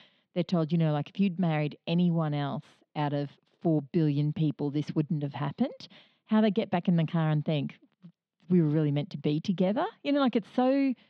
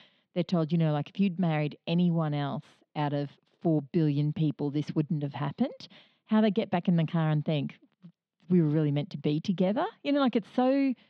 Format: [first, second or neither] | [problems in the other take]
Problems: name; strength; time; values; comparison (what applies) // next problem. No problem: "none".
neither | muffled; slightly; fading above 3.5 kHz; the same in both